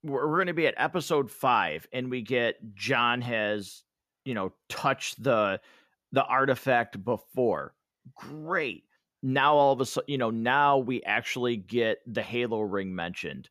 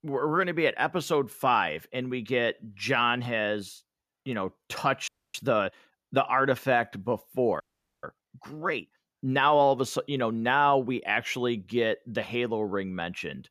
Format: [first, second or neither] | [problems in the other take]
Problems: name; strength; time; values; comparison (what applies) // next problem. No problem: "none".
first | audio freezing; at 5 s and at 7.5 s